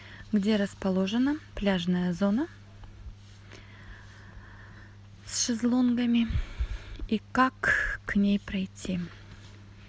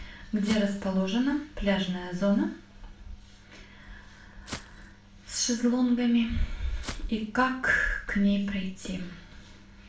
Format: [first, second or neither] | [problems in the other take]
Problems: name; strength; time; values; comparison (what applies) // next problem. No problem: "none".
first | background sound (Walk, footsteps); 14 dB below the speech // room echo; dies away in 0.4 s